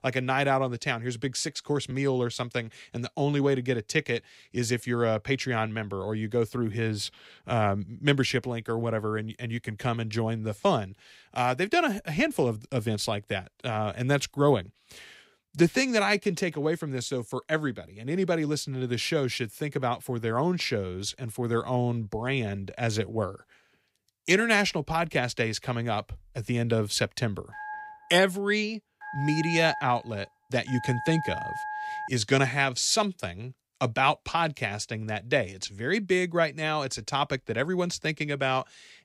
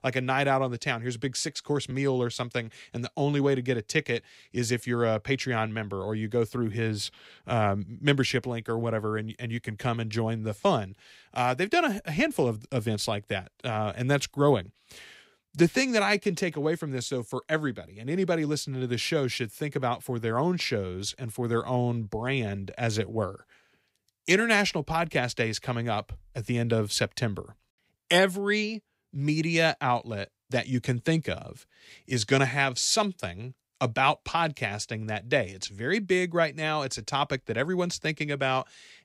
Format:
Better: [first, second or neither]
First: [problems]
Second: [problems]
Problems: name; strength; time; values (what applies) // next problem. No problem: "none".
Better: second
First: phone ringing; noticeable; from 28 to 32 s; peak 6 dB below the speech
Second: none